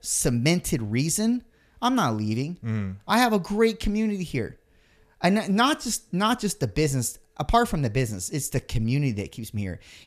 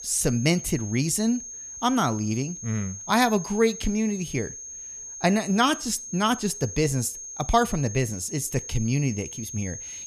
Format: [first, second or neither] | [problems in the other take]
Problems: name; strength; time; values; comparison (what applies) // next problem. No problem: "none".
first | high-pitched whine; noticeable; throughout; 6.5 kHz, 10 dB below the speech